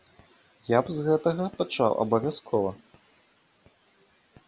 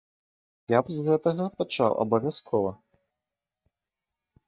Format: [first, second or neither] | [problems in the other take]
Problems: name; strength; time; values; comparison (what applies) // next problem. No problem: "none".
first | noise reduction (neural mask model DeepFilterNet 3)